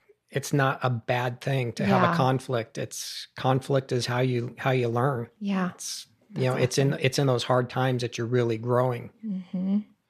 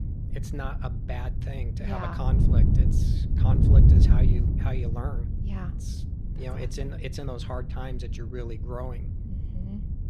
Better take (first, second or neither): first